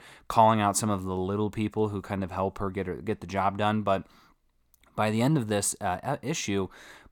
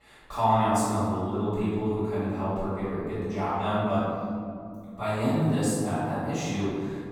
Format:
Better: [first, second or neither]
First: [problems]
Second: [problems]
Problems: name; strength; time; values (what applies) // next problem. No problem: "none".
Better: first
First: none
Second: off-mic speech; far // room echo; strong; dies away in 2.9 s